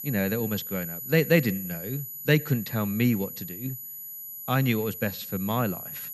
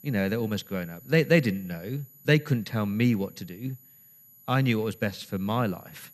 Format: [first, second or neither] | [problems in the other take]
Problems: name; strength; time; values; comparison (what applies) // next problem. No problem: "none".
second | high-pitched whine; loud; throughout; 12 kHz, 8 dB below the speech; faint in the second